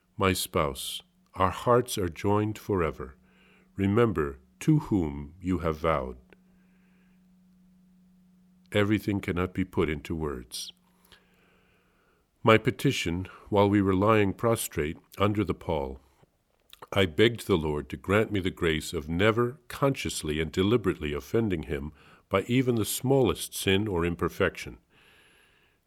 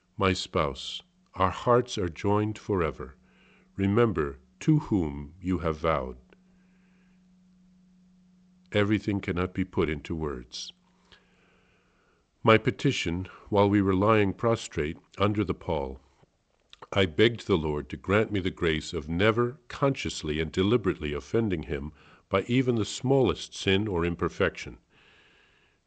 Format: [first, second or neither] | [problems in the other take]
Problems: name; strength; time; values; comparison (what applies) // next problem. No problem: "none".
first | garbled, watery; slightly; nothing above 8 kHz